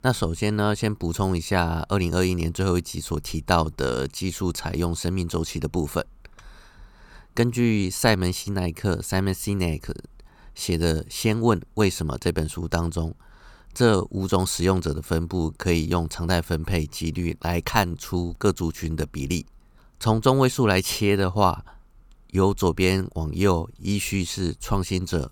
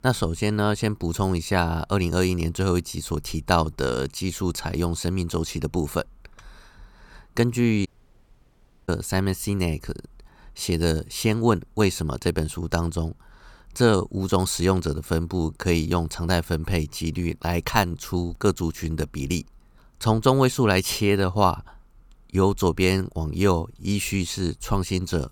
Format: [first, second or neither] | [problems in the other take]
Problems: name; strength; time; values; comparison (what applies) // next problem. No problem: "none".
first | audio cutting out; at 8 s for 1 s